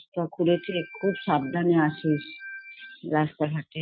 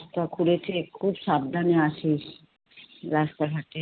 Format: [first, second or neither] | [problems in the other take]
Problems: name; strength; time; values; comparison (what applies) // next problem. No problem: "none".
second | noise reduction (classical method Wiener filter)